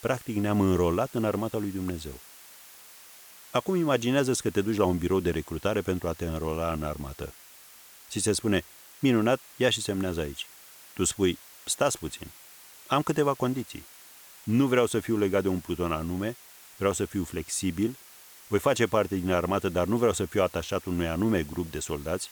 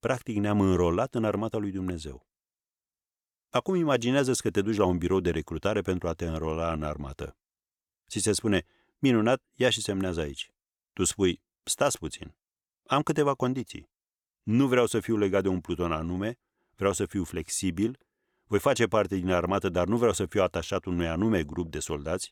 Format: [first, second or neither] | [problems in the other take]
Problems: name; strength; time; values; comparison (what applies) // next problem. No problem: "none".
second | hiss; noticeable; throughout; 20 dB below the speech